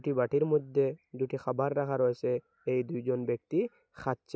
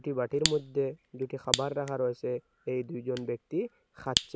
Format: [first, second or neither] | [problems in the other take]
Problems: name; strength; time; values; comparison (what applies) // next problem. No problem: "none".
first | background sound (Fire); 4 dB below the speech